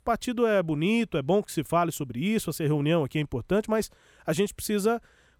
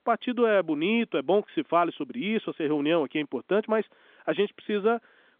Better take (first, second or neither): first